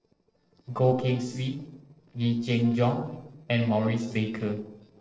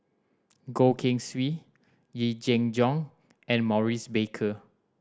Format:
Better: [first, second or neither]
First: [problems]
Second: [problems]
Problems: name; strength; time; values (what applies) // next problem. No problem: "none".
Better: second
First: noise reduction (neural separator model SepFormer DNS4)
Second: none